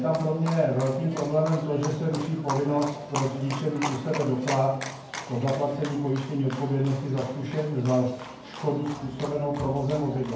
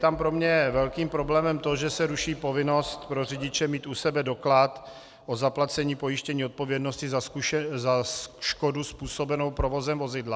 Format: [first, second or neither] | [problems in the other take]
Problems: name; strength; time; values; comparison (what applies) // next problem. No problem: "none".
second | background sound (Livestock, farm animals, working animals); 12 dB below the speech // room echo; dies away in 0.9 s